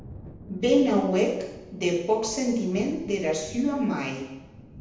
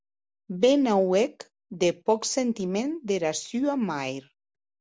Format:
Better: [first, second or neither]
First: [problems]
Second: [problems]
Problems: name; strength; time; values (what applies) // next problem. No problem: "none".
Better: second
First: background sound (Thunder); 20 dB below the speech // room echo; dies away in 0.9 s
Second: none